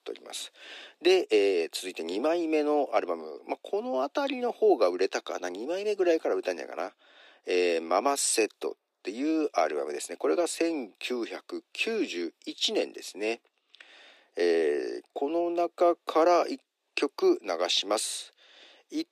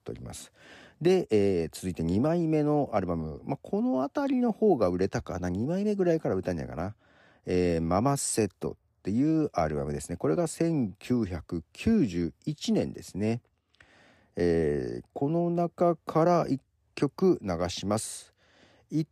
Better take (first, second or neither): second